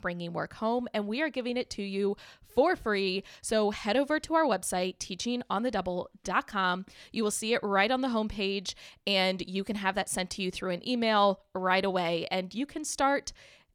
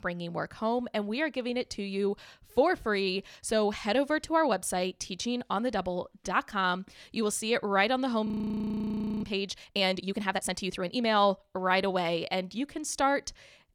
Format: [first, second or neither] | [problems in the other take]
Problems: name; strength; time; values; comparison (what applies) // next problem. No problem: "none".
first | audio freezing; at 8.5 s for 1 s